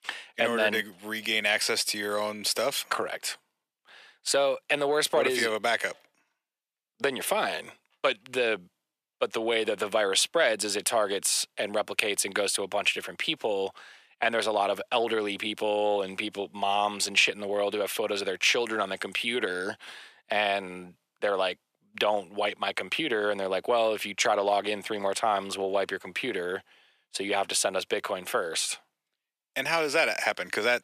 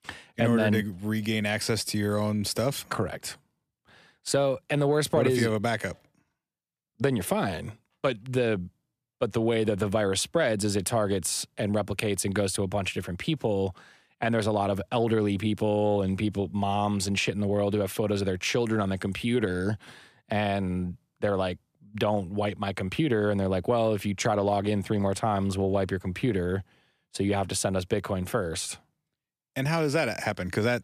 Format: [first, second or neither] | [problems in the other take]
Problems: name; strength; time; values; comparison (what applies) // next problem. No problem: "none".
second | thin; very; fading below 500 Hz